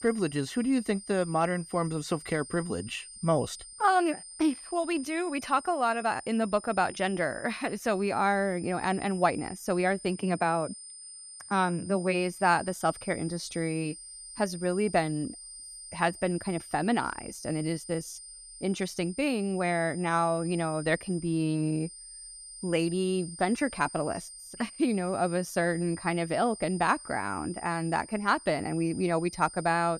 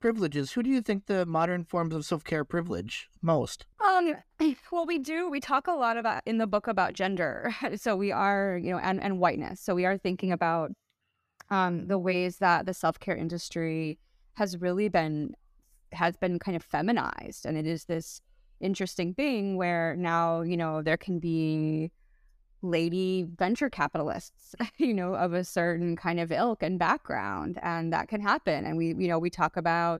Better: second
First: high-pitched whine; noticeable; throughout; 9 kHz, 15 dB below the speech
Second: none

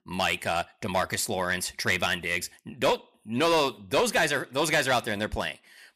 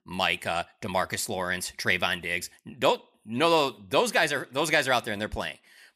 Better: second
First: distortion; slight; 4% of the sound clipped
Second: none

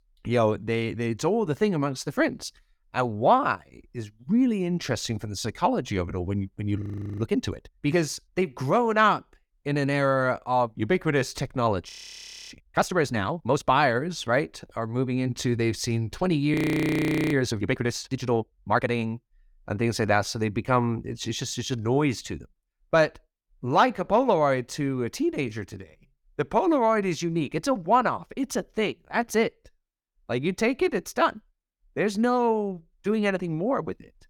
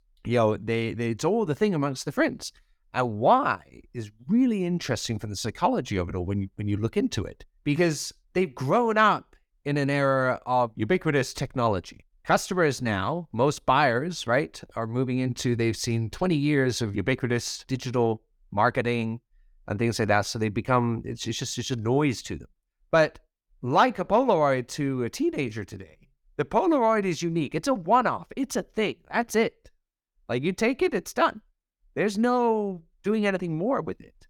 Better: second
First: audio freezing; at 7 s, at 12 s for 0.5 s and at 17 s for 1 s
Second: none

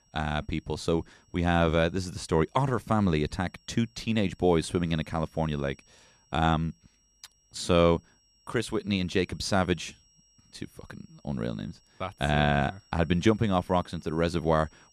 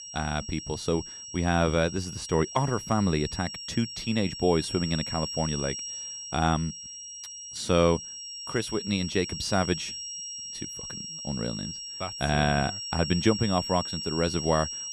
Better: first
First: high-pitched whine; faint; throughout; 5.5 kHz, 35 dB below the speech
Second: high-pitched whine; loud; throughout; 5.5 kHz, 7 dB below the speech

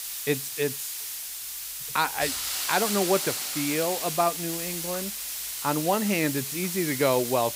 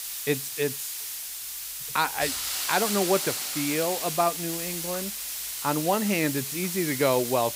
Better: neither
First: hiss; loud; throughout; 2 dB below the speech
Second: hiss; loud; throughout; 2 dB below the speech

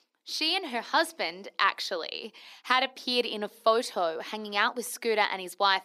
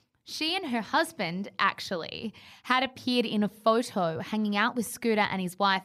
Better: second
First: thin; somewhat; fading below 300 Hz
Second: none

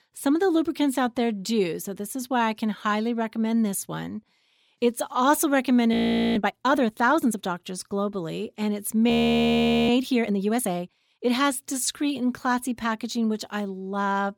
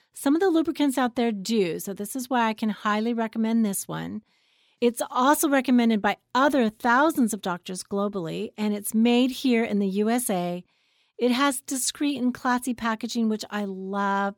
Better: second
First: audio freezing; at 6 s and at 9 s for 1 s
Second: none

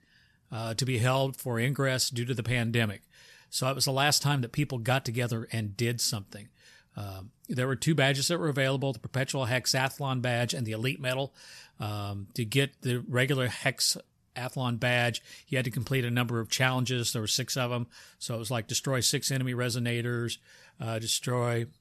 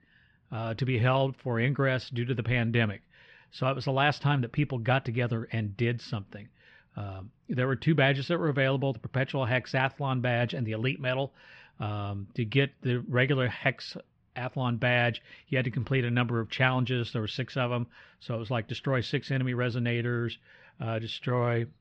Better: first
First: none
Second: muffled; very; fading above 3 kHz

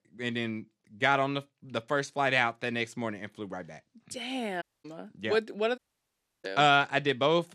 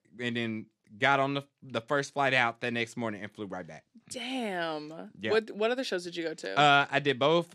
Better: second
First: audio cutting out; at 4.5 s and at 6 s for 0.5 s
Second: none

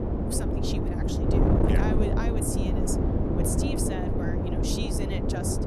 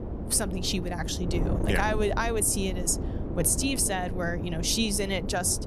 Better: second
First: wind noise on the microphone; heavy; 5 dB above the speech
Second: wind noise on the microphone; occasional gusts; 10 dB below the speech

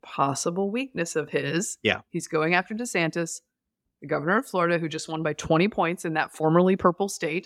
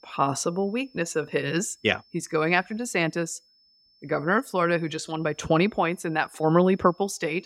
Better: first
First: none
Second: high-pitched whine; faint; throughout; 5.5 kHz, 30 dB below the speech

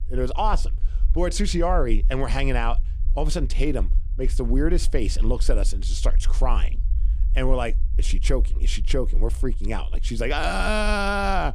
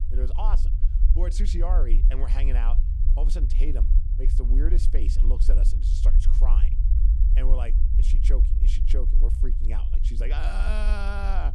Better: first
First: low rumble; faint; throughout; 25 dB below the speech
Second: low rumble; loud; throughout; 8 dB below the speech

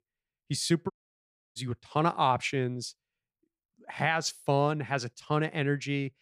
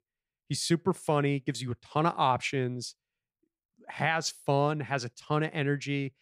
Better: second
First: audio cutting out; at 1 s for 0.5 s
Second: none

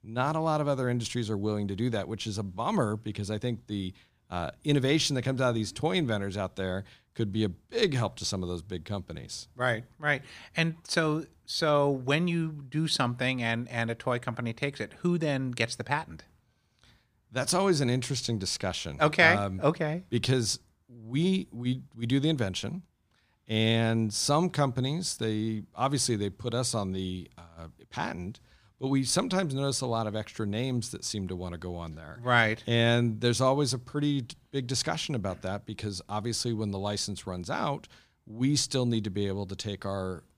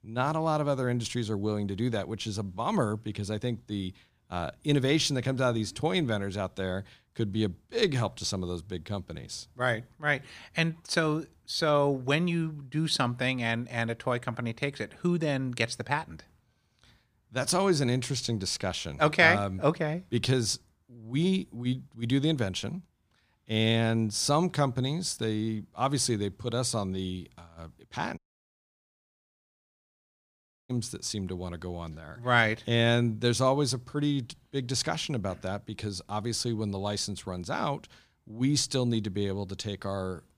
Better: first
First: none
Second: audio cutting out; at 28 s for 2.5 s

